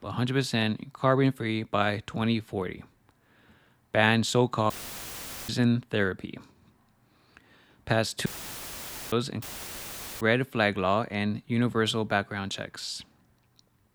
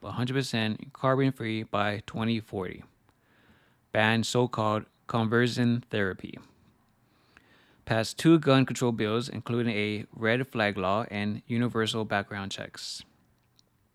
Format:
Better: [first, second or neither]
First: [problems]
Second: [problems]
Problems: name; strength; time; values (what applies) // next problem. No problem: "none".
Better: second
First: audio cutting out; filled with static; at 4.5 s for 1 s, at 8.5 s for 1 s and at 9.5 s for 1 s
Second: none